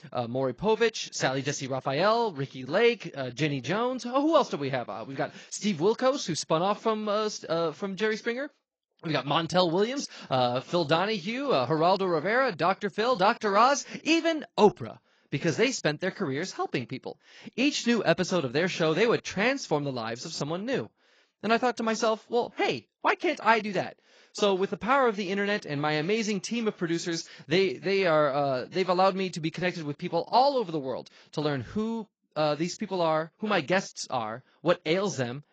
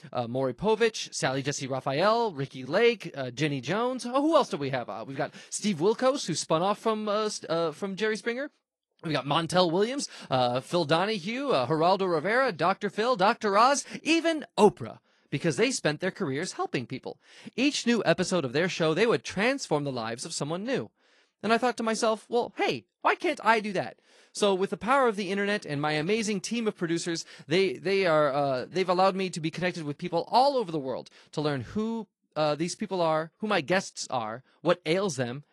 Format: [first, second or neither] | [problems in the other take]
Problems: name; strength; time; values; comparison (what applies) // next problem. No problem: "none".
second | garbled, watery; badly; nothing above 7.5 kHz; slightly in the second